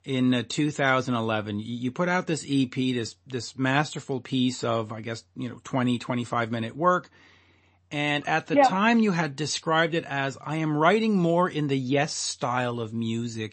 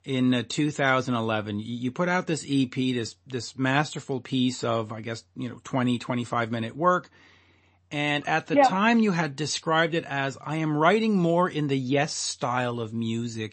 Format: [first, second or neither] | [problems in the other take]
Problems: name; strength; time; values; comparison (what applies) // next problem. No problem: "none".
neither | garbled, watery; slightly; nothing above 8 kHz; the same in both